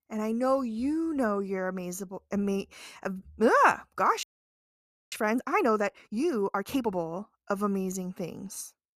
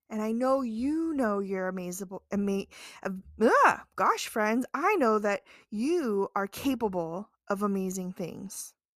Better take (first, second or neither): second